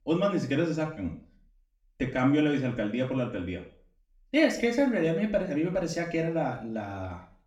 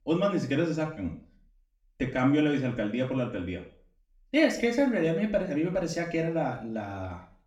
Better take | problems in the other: neither | room echo; slight; dies away in 0.4 s; the same in both // off-mic speech; far; the same in both

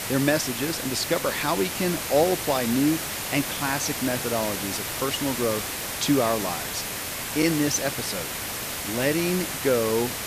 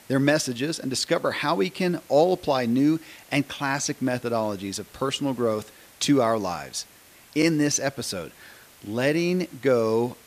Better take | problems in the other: second | hiss; loud; throughout; 3 dB below the speech; faint in the second

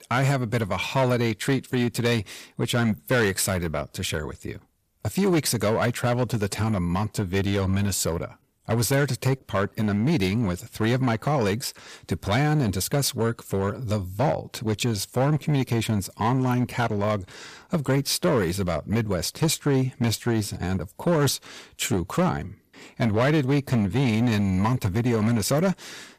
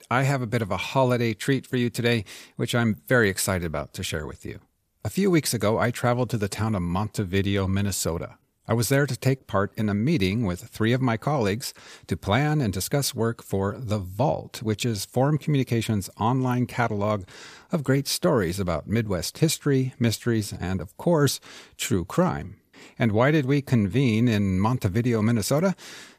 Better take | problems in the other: second | distortion; slight; 8% of the sound clipped

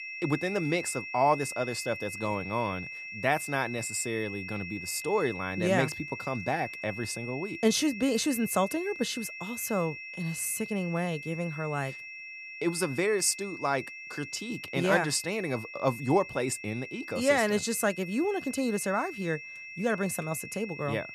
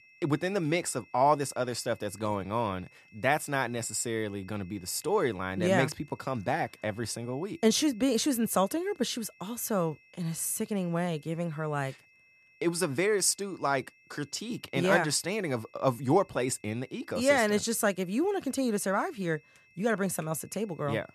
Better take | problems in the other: second | high-pitched whine; loud; throughout; 2.5 kHz, 9 dB below the speech; faint in the second

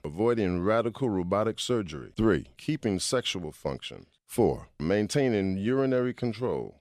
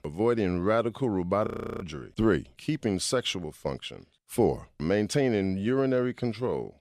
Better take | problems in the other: first | audio freezing; at 1.5 s

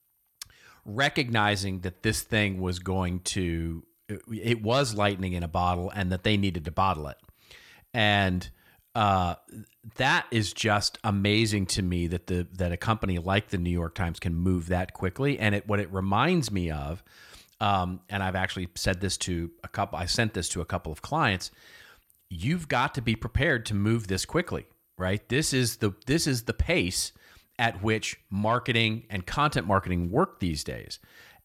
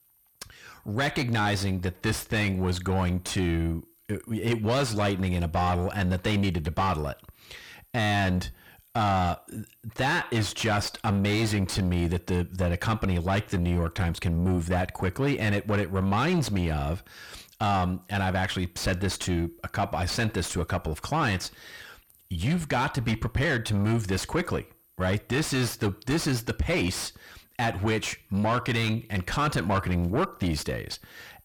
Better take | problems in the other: first | distortion; heavy; 7 dB below the speech

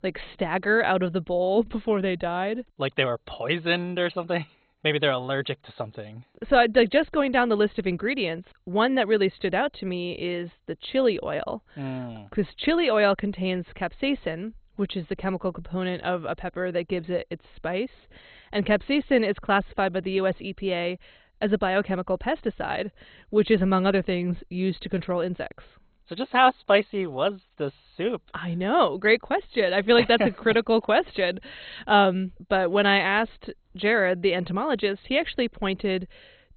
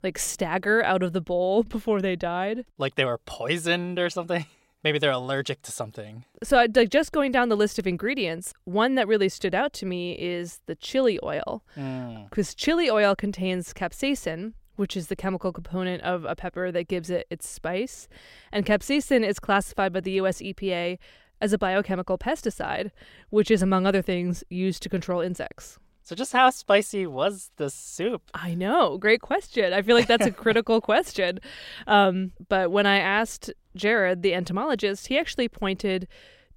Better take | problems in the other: second | garbled, watery; badly; nothing above 4 kHz

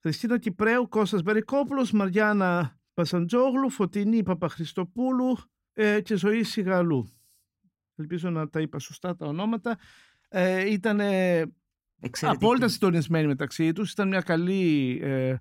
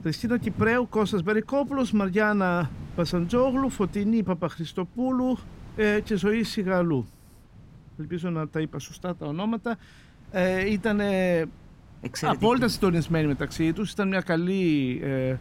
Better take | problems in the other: first | wind noise on the microphone; occasional gusts; 25 dB below the speech

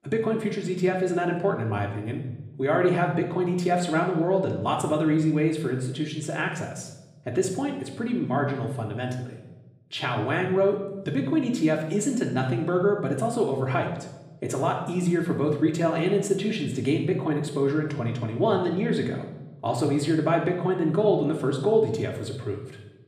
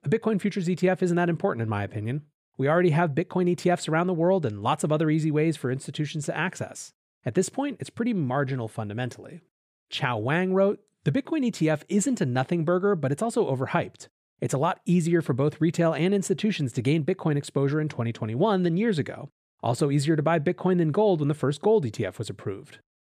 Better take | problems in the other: second | room echo; slight; dies away in 0.8 s // off-mic speech; somewhat distant

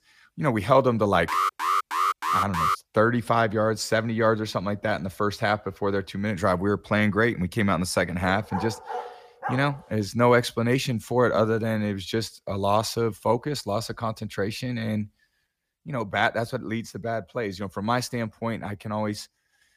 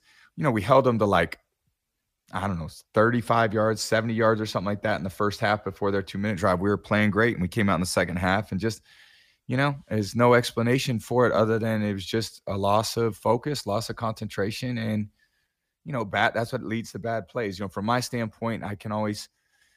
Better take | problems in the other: second | alarm; loud; from 1.5 to 3 s; peak 2 dB above the speech // dog barking; noticeable; from 8 to 9.5 s; peak 8 dB below the speech

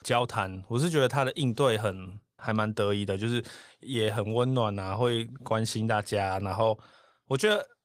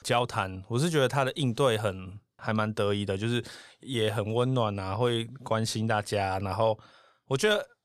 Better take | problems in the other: second | garbled, watery; slightly; nothing above 15.5 kHz

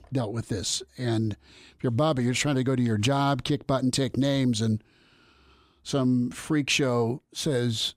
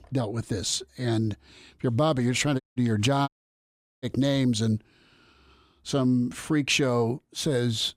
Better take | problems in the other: first | audio cutting out; at 2.5 s and at 3.5 s for 0.5 s

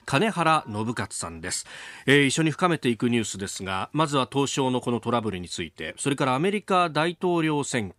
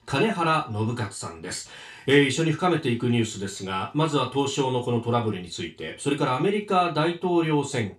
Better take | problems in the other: first | room echo; very slight; dies away in 0.3 s // off-mic speech; somewhat distant

